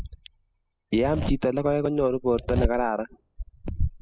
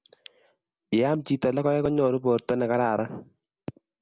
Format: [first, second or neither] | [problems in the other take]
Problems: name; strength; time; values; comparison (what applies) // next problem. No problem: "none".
second | noise reduction (classical method spectral subtraction)